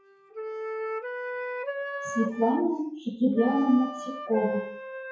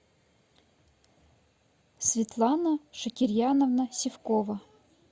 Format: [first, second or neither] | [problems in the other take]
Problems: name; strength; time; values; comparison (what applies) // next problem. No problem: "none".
second | noise reduction (classical method WPE with log-MMSE)